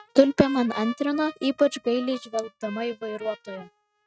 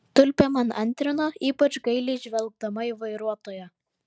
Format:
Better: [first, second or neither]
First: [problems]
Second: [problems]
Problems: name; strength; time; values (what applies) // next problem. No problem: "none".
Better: second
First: noise reduction (neural mask model RNNoise)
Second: none